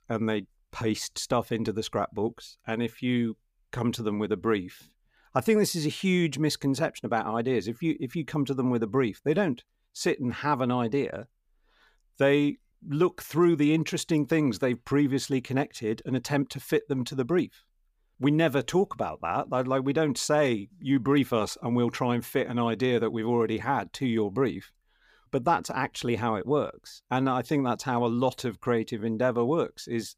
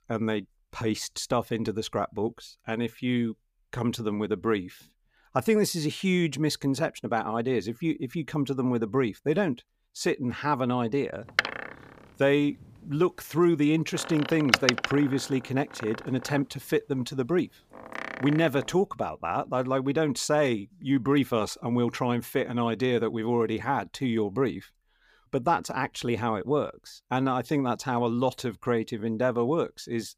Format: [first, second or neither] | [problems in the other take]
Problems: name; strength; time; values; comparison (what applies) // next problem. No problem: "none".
first | door banging; loud; from 11 to 18 s; peak 5 dB above the speech